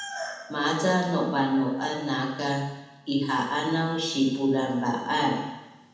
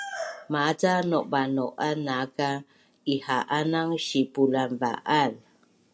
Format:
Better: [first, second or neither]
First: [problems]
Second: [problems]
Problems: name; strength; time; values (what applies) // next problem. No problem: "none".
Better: second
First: room echo; dies away in 1.1 s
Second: none